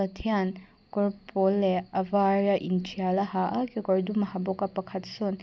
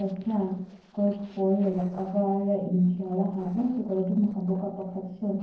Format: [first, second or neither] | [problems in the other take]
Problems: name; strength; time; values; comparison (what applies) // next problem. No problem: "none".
first | noise reduction (neural separator model SepFormer DNS4)